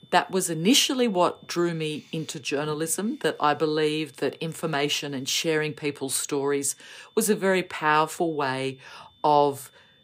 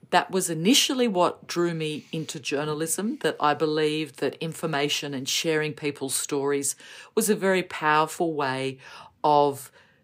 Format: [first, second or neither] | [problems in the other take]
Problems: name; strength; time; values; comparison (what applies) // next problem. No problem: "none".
second | high-pitched whine; faint; throughout; 3.5 kHz, 30 dB below the speech